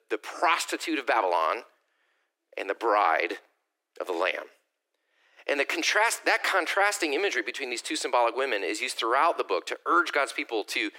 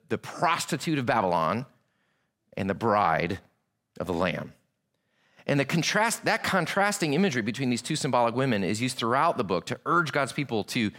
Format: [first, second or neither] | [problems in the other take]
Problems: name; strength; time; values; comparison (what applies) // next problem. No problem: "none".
second | thin; very; fading below 300 Hz